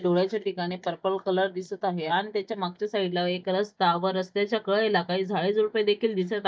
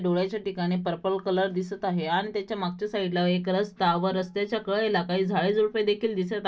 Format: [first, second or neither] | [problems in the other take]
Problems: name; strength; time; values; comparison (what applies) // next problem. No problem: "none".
second | noise reduction (neural mask model DeepFilterNet 3)